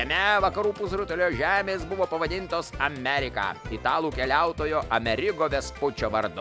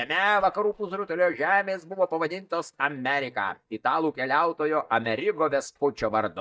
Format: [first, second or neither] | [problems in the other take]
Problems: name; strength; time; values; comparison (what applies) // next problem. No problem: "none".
first | noise reduction (neural mask model DeepFilterNet 3)